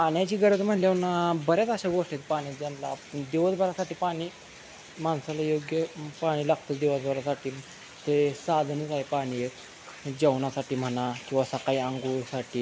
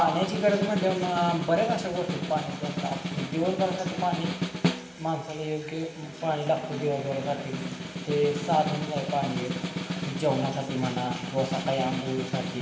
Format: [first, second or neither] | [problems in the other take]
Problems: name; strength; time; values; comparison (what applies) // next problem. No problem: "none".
first | background sound (Snare drum); 4 dB below the speech // room echo; dies away in 1.4 s